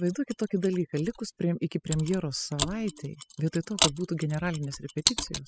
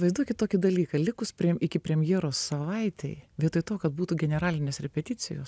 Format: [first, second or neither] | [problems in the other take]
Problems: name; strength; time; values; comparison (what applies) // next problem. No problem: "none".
second | noise reduction (classical method spectral subtraction)